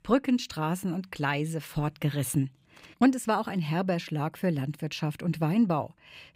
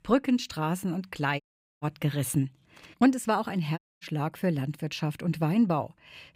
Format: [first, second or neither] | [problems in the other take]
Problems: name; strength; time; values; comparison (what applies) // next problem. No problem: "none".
first | audio cutting out; at 1.5 s and at 4 s